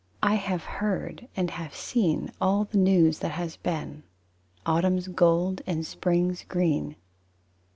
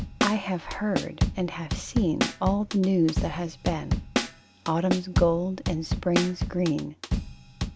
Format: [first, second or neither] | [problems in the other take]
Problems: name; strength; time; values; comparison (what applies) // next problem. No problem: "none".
first | background sound (Drum kit); 3 dB below the speech